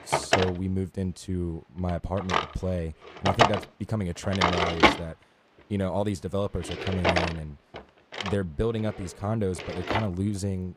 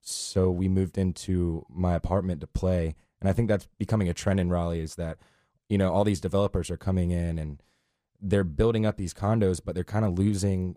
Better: second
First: household noises; very loud; throughout; 4 dB above the speech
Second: none

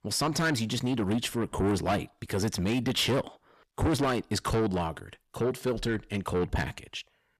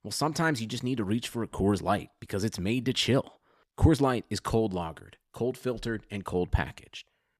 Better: second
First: distortion; heavy; 6 dB below the speech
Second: none

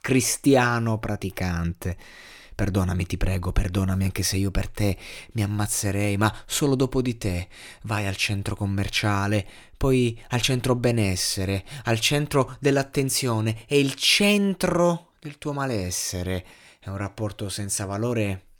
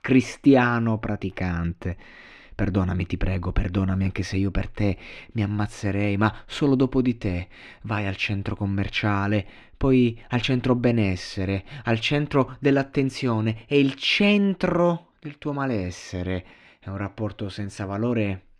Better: first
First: none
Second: muffled; slightly; fading above 2.5 kHz

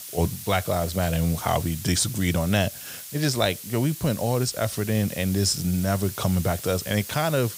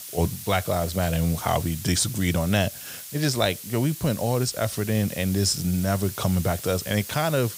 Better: neither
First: hiss; noticeable; throughout; 10 dB below the speech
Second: hiss; noticeable; throughout; 10 dB below the speech

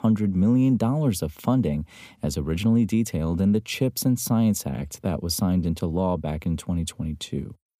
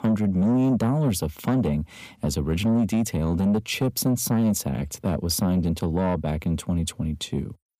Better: first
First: none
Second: distortion; slight; 10 dB below the speech

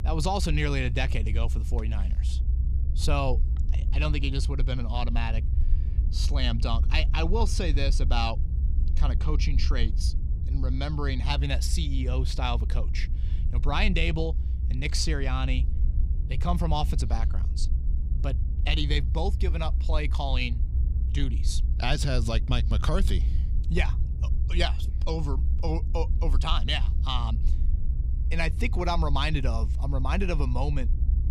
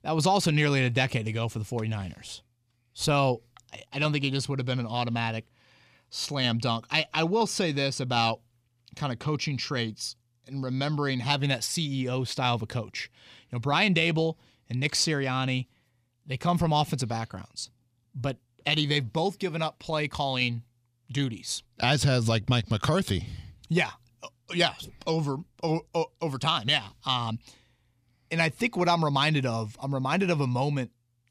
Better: second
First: low rumble; noticeable; throughout; 15 dB below the speech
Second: none

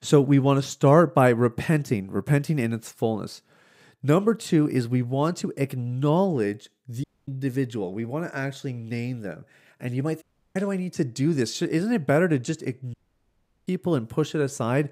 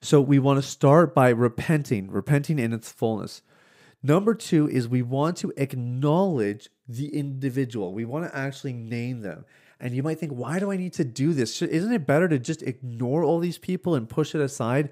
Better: second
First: audio cutting out; at 7 s, at 10 s and at 13 s for 0.5 s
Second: none

